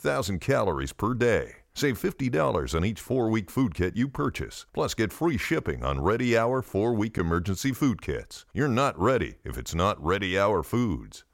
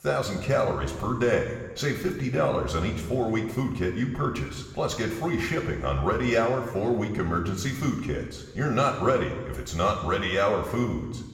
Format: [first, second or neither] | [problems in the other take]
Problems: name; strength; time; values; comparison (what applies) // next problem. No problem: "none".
first | room echo; slight; dies away in 1.2 s // off-mic speech; somewhat distant